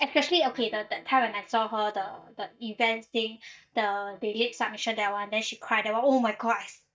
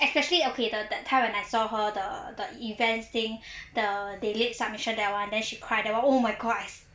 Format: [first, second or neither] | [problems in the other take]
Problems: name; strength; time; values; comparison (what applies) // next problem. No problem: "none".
second | noise reduction (neural mask model DeepFilterNet 3)